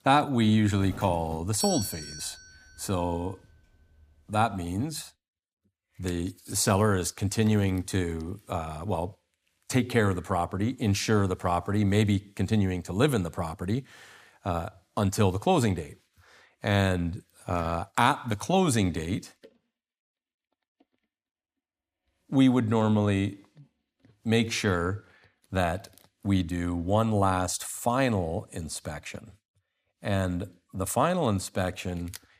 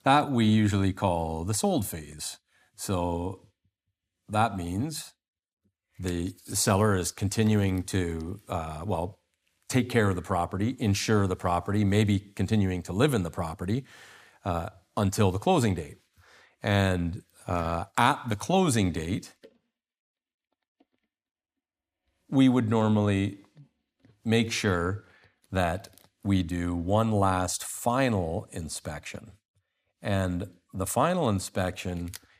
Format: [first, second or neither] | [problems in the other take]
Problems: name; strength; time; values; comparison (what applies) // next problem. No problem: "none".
second | doorbell; noticeable; from 1 to 2.5 s; peak 3 dB below the speech